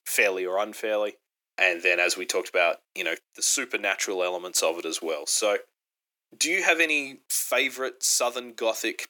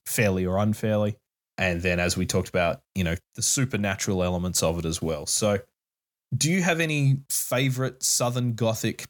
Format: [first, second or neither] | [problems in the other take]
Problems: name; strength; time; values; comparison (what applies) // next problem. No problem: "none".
second | thin; very; fading below 300 Hz